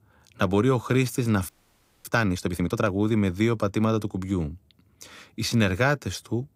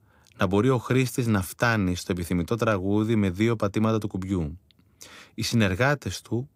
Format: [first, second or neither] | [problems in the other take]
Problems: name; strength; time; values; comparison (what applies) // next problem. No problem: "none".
second | audio freezing; at 1.5 s for 0.5 s